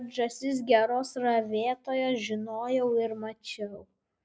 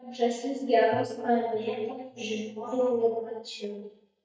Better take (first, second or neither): first